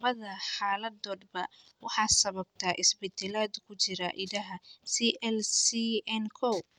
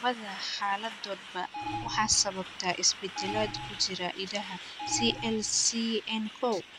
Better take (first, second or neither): first